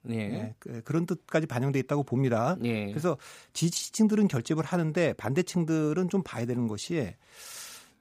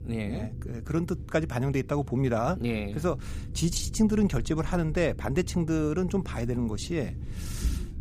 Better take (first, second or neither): first